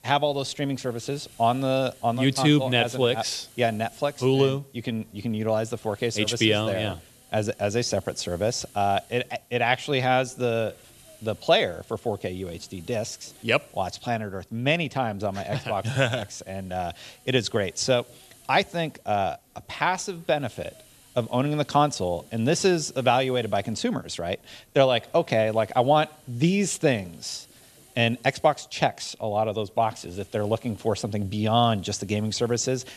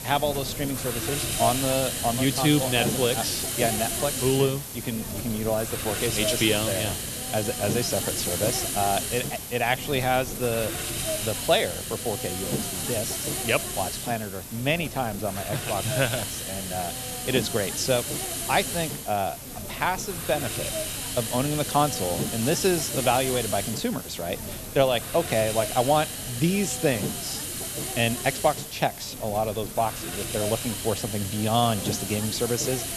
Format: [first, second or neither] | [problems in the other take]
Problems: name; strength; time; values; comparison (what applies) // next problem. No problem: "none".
first | hiss; loud; throughout; 3 dB below the speech; faint in the first